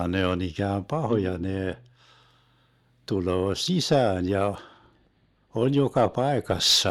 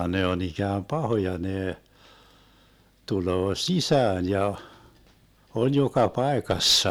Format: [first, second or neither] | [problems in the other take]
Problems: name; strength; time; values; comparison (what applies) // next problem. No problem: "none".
second | noise reduction (neural mask model DeepFilterNet 3)